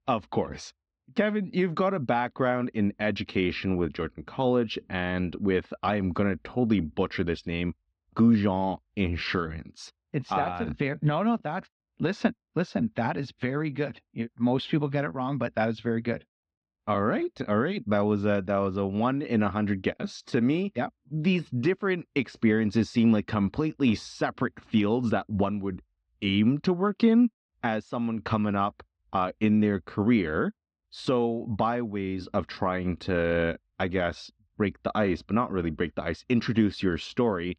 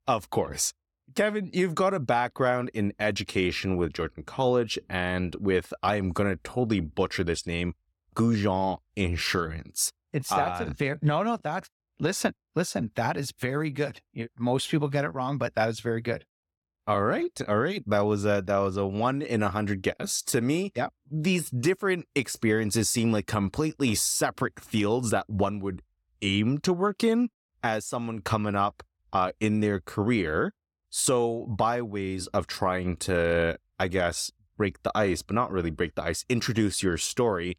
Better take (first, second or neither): second